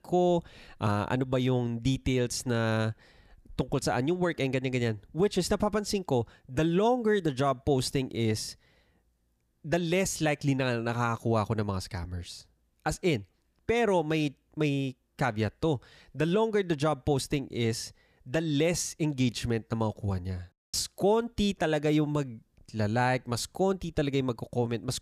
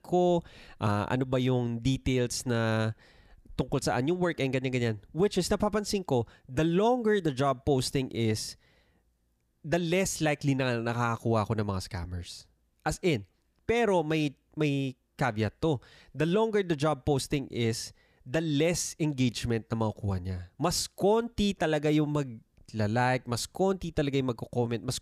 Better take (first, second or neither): second